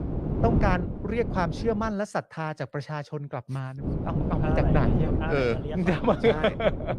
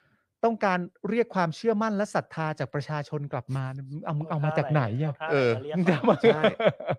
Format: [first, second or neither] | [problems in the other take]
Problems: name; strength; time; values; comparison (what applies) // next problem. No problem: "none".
second | wind noise on the microphone; heavy; until 2 s and from 4 s on; 7 dB below the speech